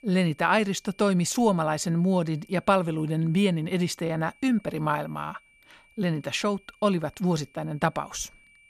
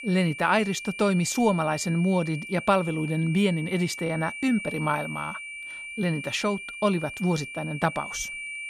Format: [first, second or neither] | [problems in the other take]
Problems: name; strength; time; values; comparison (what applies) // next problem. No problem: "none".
first | high-pitched whine; loud; throughout; 2.5 kHz, 9 dB below the speech; faint in the first